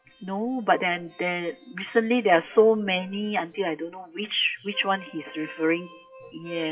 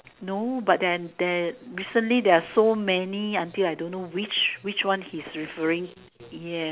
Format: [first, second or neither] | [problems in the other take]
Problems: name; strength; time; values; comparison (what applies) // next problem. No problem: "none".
second | noise reduction (classical method WPE with log-MMSE)